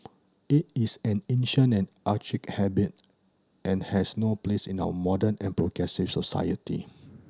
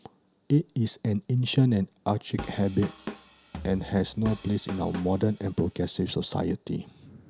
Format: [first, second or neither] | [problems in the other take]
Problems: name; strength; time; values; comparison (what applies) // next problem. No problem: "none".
first | background sound (Drum kit); 13 dB below the speech